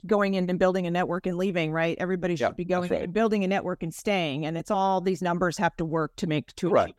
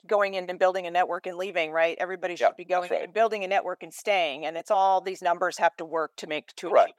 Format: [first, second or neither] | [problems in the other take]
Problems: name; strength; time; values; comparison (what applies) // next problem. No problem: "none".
first | thin; very; fading below 550 Hz